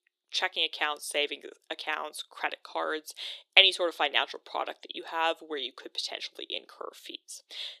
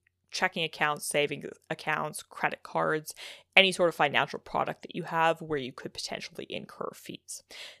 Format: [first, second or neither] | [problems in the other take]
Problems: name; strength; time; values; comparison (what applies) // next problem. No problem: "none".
second | thin; somewhat; fading below 300 Hz